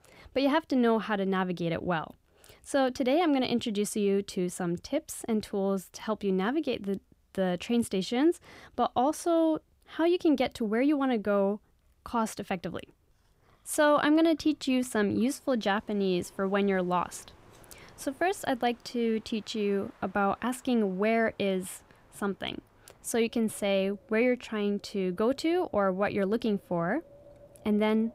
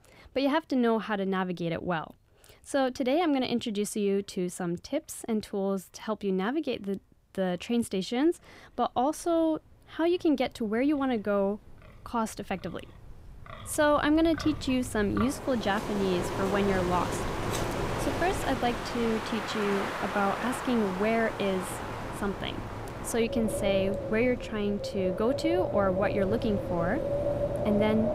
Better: first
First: wind in the background; faint; throughout; 30 dB below the speech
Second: wind in the background; loud; throughout; 4 dB below the speech

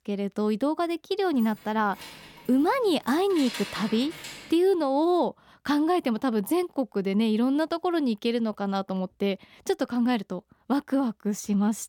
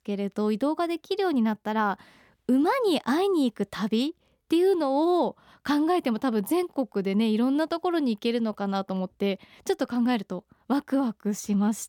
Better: second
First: jangling keys; noticeable; from 1.5 to 4.5 s; peak 8 dB below the speech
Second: none

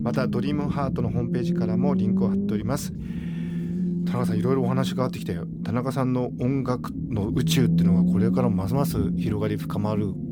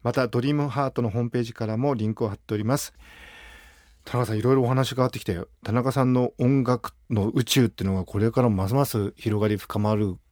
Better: second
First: low rumble; loud; throughout; 4 dB below the speech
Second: none

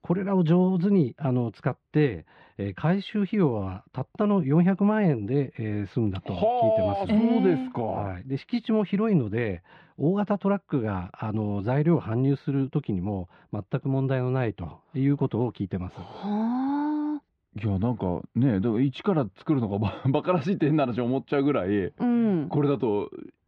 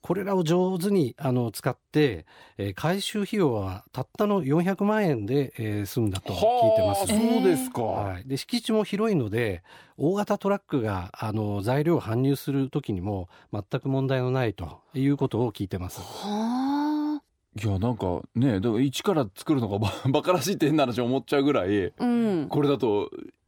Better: second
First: muffled; slightly; fading above 3 kHz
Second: none

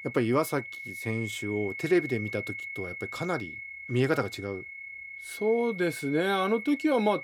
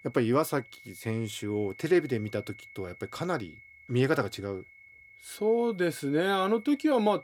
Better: second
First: high-pitched whine; loud; throughout; 2 kHz, 9 dB below the speech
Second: high-pitched whine; faint; throughout; 2 kHz, 20 dB below the speech

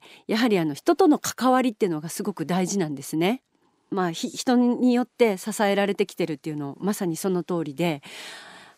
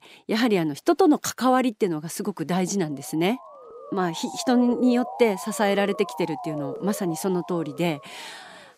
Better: first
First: none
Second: siren; noticeable; from 3 s on; peak 9 dB below the speech

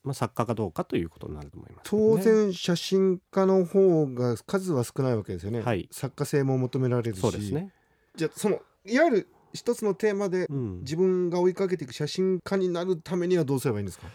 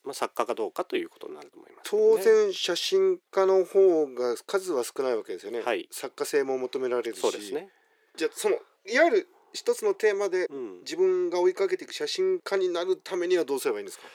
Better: first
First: none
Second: thin; very; fading below 350 Hz

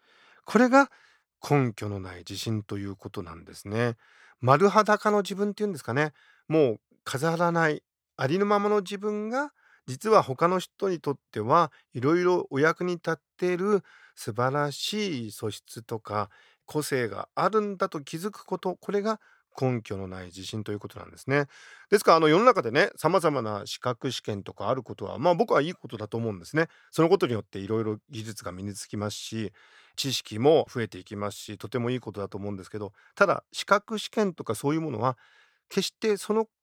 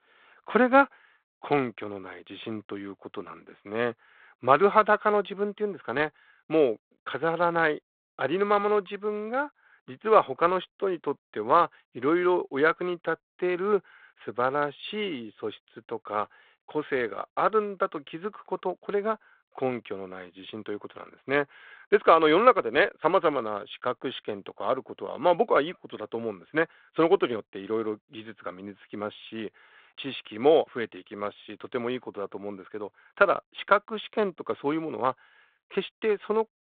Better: first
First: none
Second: phone-call audio; nothing above 3.5 kHz

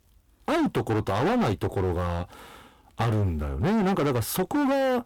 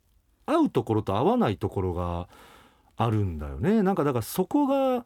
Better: second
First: distortion; heavy; 22% of the sound clipped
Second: none

